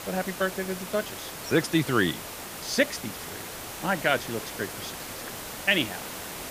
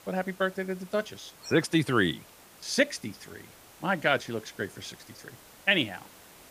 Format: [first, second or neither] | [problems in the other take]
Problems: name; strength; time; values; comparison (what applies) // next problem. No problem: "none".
second | hiss; loud; throughout; 9 dB below the speech; faint in the second